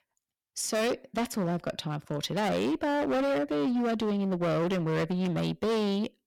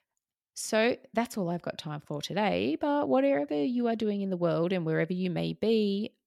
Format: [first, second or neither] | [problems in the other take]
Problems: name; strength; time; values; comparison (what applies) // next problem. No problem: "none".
second | distortion; heavy; 23% of the sound clipped